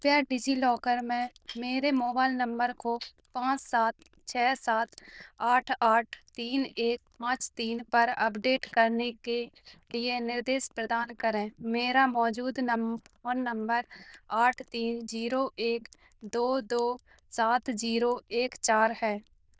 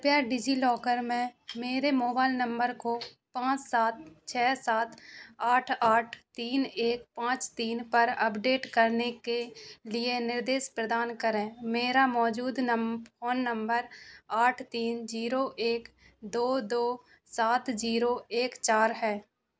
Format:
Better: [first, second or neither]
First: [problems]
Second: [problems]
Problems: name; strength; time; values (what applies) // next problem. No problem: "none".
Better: second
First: noise reduction (neural diffusion model UNIVERSE++)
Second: none